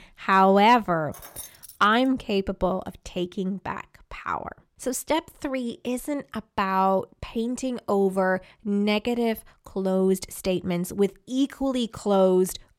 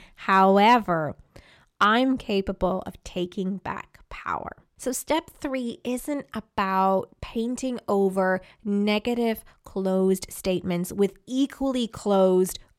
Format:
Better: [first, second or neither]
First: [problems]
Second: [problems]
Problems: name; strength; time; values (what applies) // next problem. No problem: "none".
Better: second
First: jangling keys; faint; at 1 s; peak 15 dB below the speech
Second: none